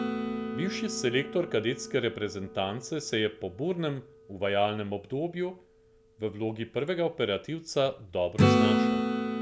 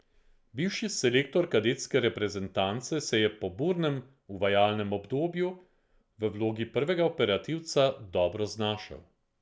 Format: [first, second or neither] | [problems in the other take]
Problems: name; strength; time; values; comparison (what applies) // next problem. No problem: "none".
second | background sound (Acoustic guitar / Strum); 1 dB below the speech